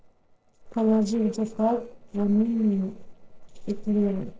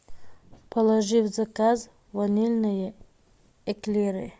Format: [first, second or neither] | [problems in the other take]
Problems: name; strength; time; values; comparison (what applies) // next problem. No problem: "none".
second | noise reduction (neural separator model SepFormer DNS4)